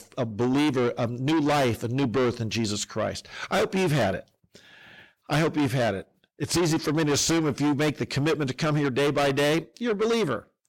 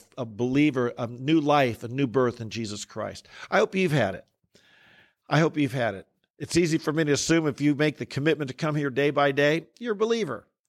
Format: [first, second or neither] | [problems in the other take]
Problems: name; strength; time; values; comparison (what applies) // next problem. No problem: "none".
second | distortion; heavy; 6 dB below the speech